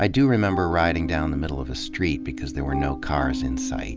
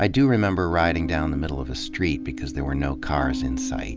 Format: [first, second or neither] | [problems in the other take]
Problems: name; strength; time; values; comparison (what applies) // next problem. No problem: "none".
second | background sound (Wind instrument, woodwind instrument); 11 dB below the speech